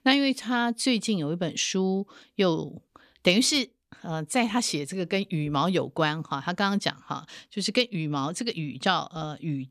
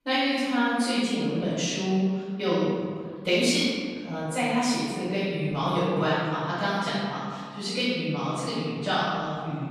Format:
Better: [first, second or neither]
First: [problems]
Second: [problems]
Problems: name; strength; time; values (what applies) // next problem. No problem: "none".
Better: first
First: none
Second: room echo; strong; dies away in 1.7 s // off-mic speech; far